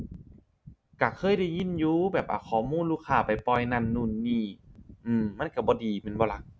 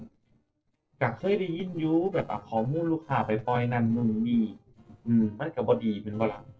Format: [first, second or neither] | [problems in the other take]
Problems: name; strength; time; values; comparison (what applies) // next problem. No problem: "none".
first | noise reduction (neural separator model SepFormer DNS4)